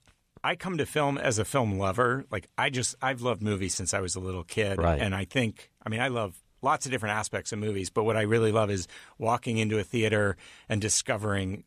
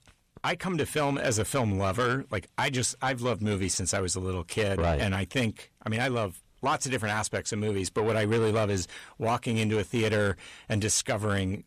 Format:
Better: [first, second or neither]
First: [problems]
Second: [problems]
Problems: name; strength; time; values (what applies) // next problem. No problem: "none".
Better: first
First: none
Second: distortion; slight; 10 dB below the speech